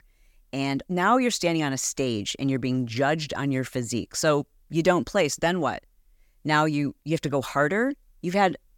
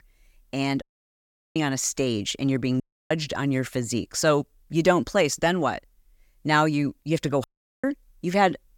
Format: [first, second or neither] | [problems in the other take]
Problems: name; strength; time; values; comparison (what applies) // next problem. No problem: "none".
first | audio cutting out; at 1 s for 0.5 s, at 3 s and at 7.5 s